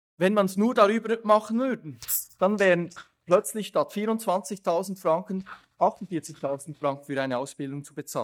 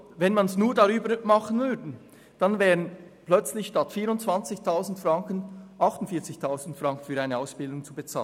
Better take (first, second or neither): second